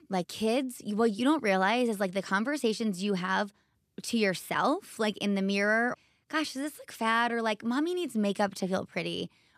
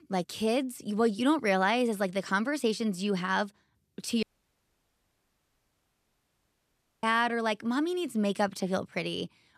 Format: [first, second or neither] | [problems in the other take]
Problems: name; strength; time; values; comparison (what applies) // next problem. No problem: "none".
first | audio cutting out; at 4 s for 3 s